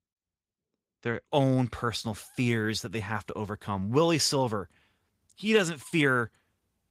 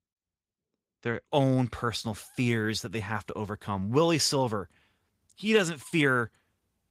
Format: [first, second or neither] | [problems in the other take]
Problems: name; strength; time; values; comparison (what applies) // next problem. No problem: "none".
neither | garbled, watery; slightly; nothing above 15.5 kHz; the same in both